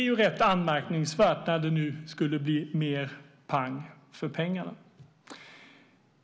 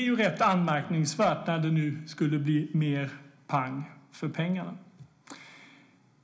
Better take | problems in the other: first | room echo; dies away in 0.4 s

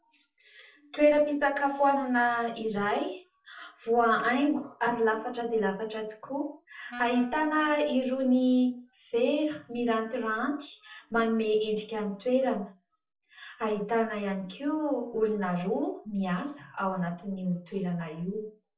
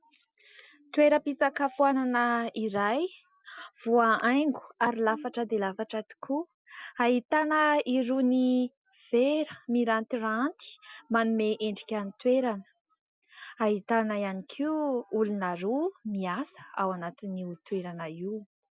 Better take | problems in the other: second | noise reduction (neural separator model SepFormer DNS4)

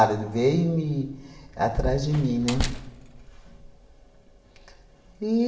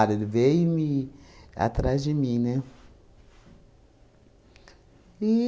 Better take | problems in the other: second | background sound (Slam); 8 dB below the speech // room echo; dies away in 0.9 s

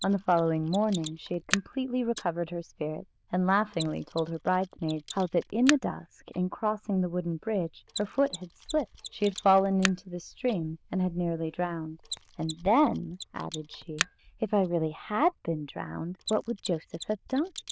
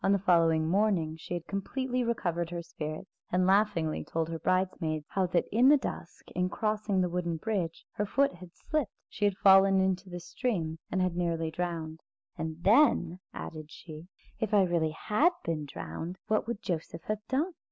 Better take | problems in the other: second | noise reduction (neural diffusion model UNIVERSE++)

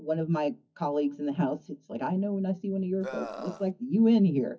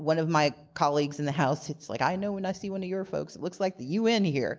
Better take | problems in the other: second | noise reduction (classical method WPE with log-MMSE)

